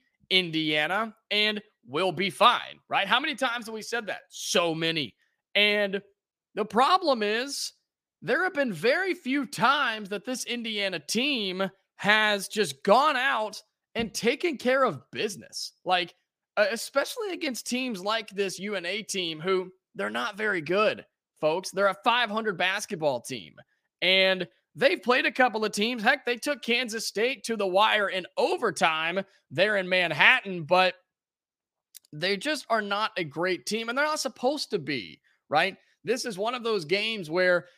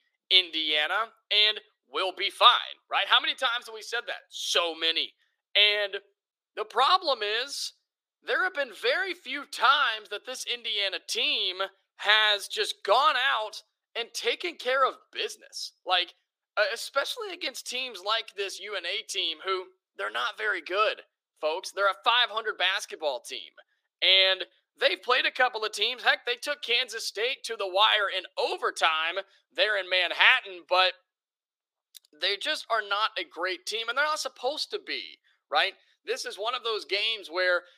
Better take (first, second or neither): first